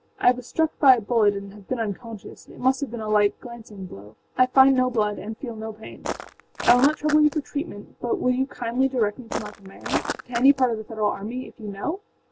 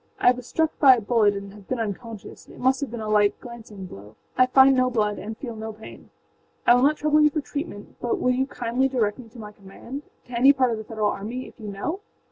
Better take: second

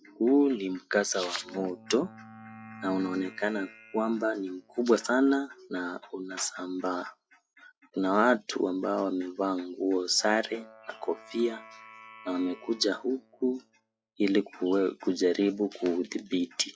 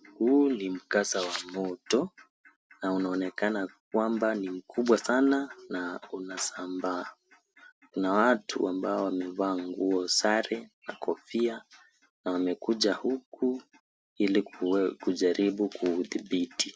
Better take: second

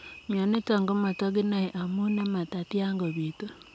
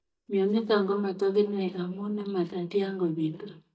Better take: first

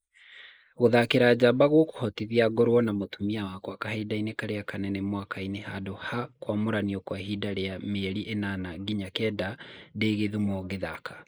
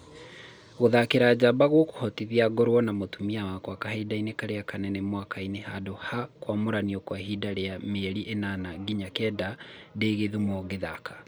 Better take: second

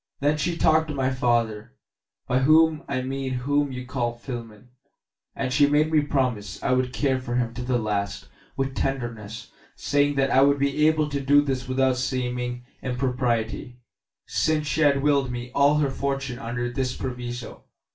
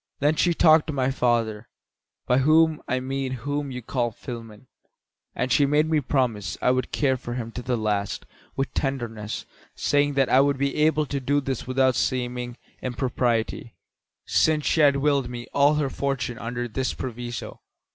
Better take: second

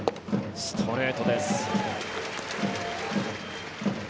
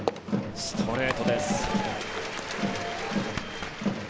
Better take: first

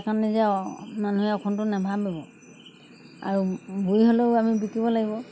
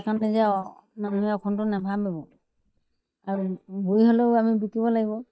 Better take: first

